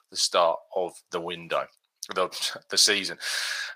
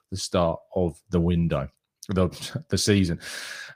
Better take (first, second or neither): second